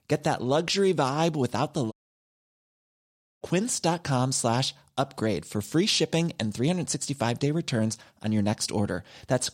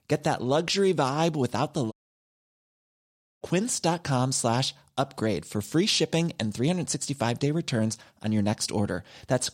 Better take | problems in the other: neither | audio cutting out; at 2 s for 1.5 s; the same in both

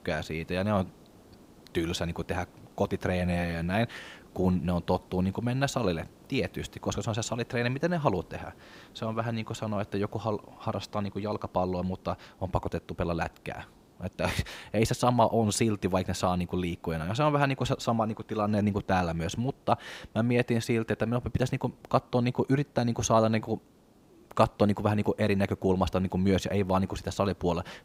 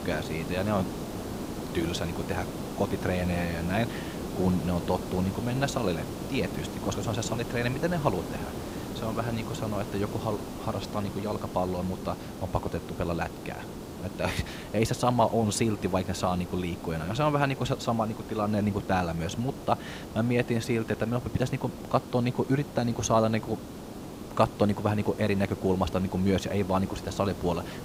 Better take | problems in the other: first | hiss; loud; throughout; 9 dB below the speech; faint in the first

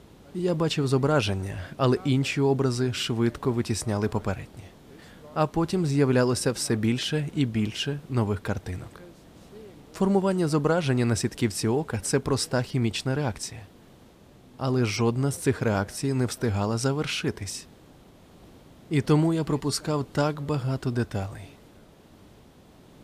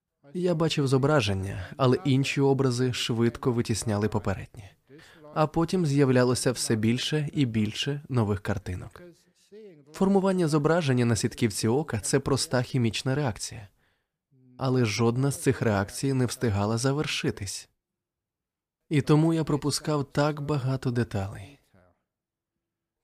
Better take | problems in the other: second | hiss; faint; throughout; 25 dB below the speech

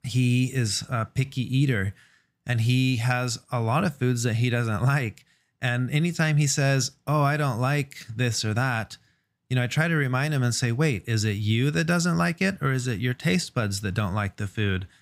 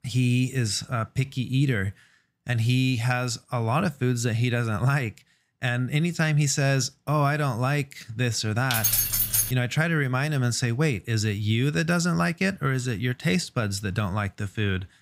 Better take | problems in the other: first | jangling keys; loud; at 8.5 s; peak 5 dB above the speech

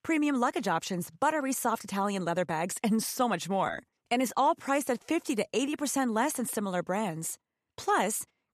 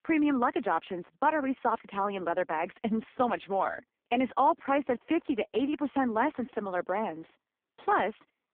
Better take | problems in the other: first | phone-call audio; poor line

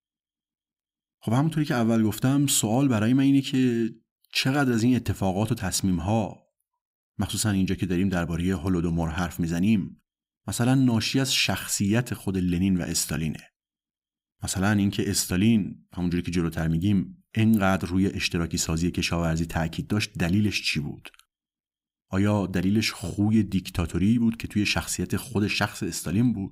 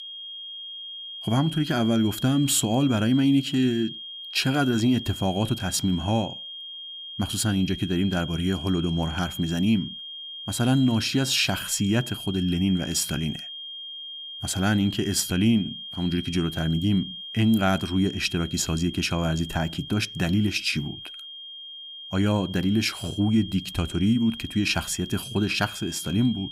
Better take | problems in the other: first | high-pitched whine; noticeable; throughout; 3 kHz, 10 dB below the speech

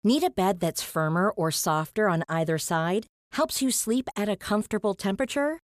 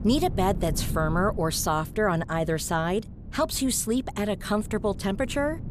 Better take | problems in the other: first | wind noise on the microphone; occasional gusts; 20 dB below the speech

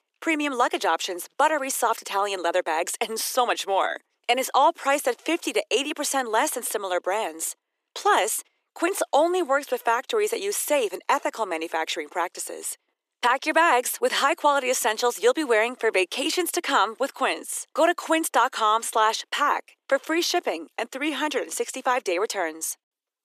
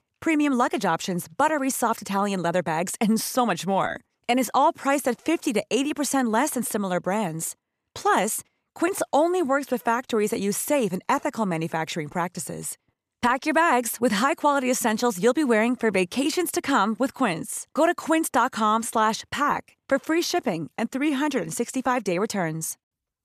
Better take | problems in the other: second | thin; somewhat; fading below 350 Hz

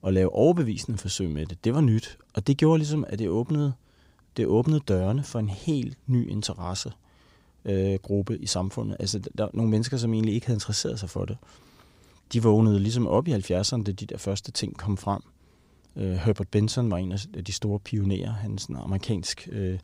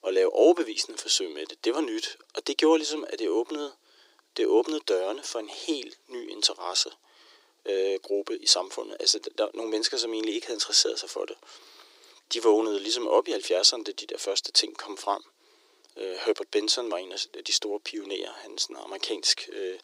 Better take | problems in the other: first | thin; very; fading below 300 Hz

